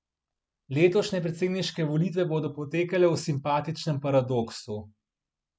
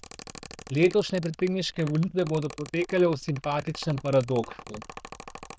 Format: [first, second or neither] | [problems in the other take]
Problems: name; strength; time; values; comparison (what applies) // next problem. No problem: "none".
first | noise reduction (neural diffusion model UNIVERSE++)